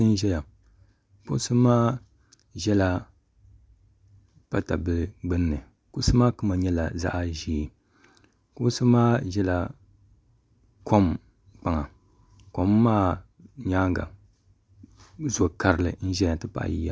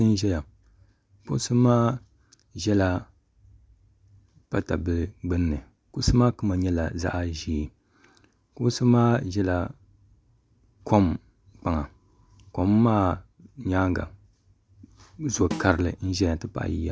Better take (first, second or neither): first